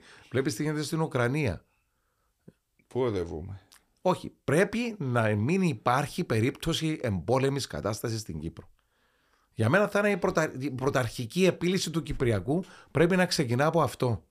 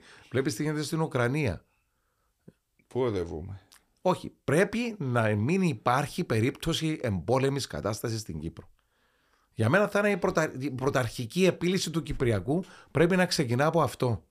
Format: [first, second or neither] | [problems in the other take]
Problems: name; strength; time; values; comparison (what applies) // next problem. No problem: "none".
neither | none